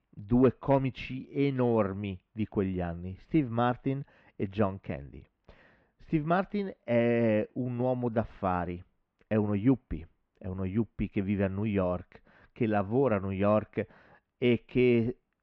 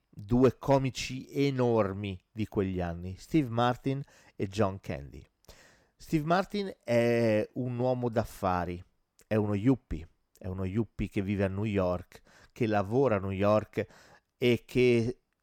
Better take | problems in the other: second | muffled; very; fading above 3 kHz

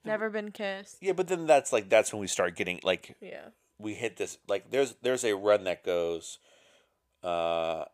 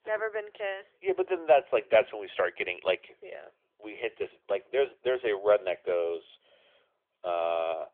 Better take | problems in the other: first | phone-call audio; nothing above 3.5 kHz

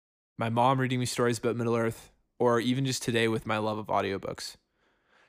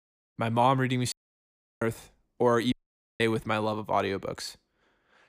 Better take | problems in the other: first | audio cutting out; at 1 s for 0.5 s and at 2.5 s

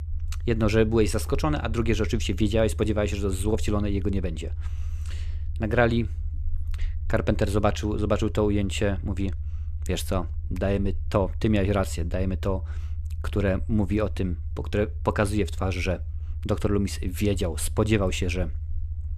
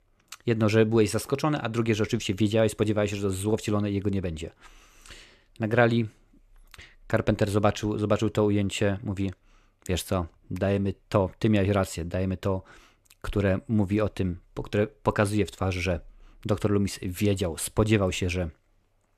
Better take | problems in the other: second | low rumble; faint; throughout; 25 dB below the speech

